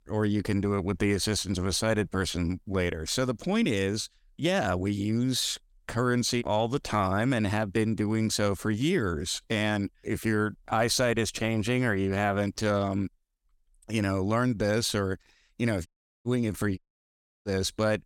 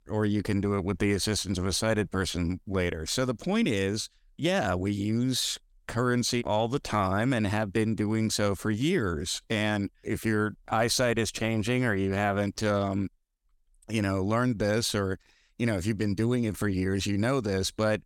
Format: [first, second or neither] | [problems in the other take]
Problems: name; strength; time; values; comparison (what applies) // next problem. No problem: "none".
second | audio cutting out; at 16 s and at 17 s for 0.5 s